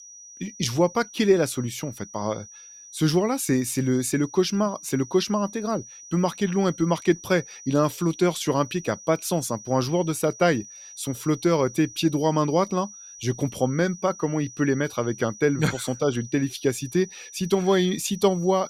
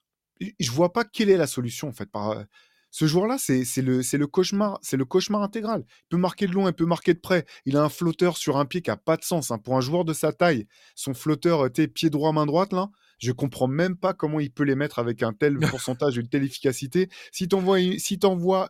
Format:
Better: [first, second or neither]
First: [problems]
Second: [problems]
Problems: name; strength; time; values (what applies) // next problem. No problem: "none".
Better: second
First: high-pitched whine; noticeable; throughout; 6 kHz, 15 dB below the speech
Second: none